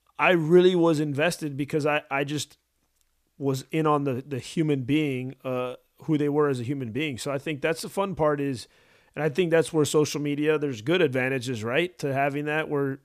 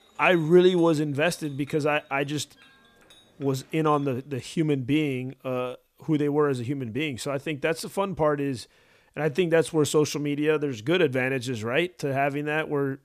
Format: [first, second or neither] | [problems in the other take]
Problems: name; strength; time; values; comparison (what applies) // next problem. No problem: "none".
first | household noises; faint; until 4 s; 30 dB below the speech